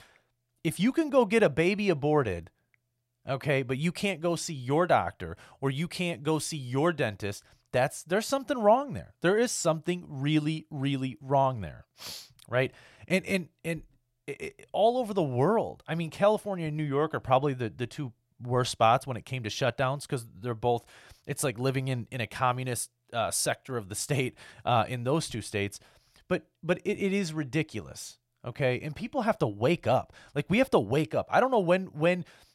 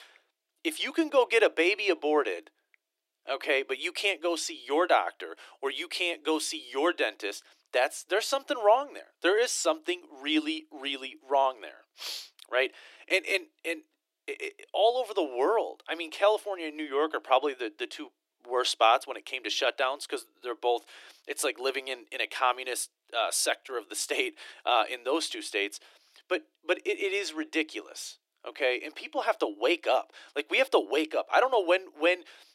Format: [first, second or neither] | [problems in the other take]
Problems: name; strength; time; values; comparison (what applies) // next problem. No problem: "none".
first | thin; very; fading below 300 Hz